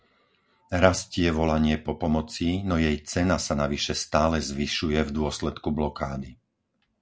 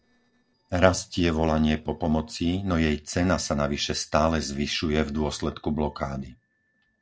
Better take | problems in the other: first | noise reduction (neural separator model SepFormer DNS4)

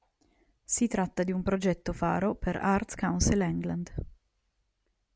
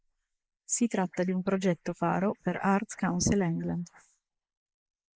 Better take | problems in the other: first | noise reduction (neural mask model Resemble Enhance denoiser)

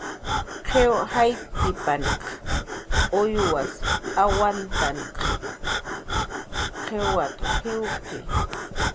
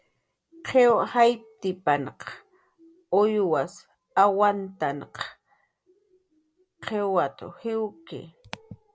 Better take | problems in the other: second | background sound (Breathing); as loud as the speech

